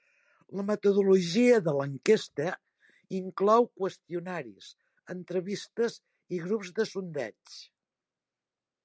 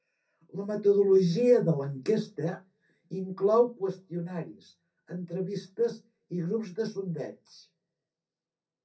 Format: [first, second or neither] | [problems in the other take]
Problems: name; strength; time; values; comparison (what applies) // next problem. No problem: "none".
first | room echo; dies away in 0.3 s